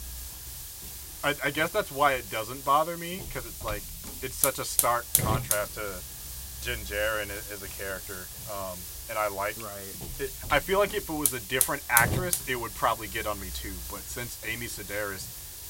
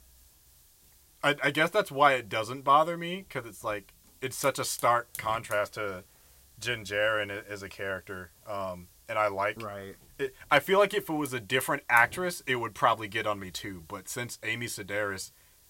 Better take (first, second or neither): second